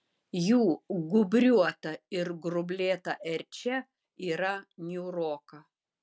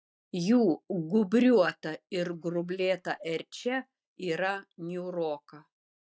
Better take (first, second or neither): first